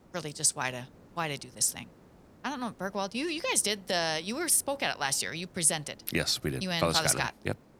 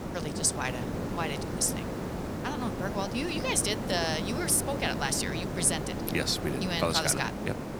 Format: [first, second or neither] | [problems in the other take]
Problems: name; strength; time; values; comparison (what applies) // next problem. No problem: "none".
first | hiss; loud; throughout; 5 dB below the speech; faint in the first